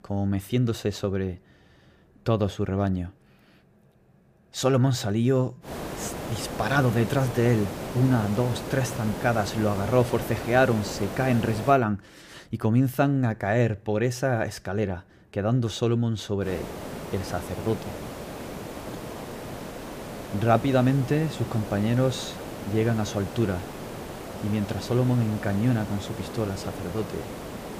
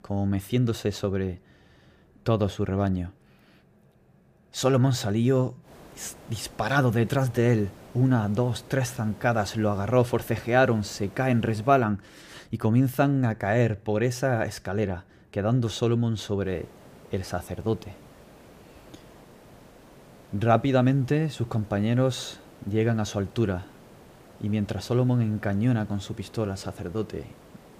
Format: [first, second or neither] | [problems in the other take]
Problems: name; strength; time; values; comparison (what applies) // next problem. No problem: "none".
second | hiss; loud; from 5.5 to 12 s and from 16 s on; 10 dB below the speech; faint in the second